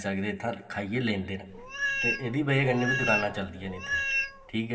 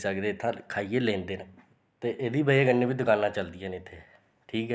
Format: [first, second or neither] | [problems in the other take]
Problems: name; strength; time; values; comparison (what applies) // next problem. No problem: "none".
second | background sound (Meow); 1 dB below the speech // room echo; dies away in 1.7 s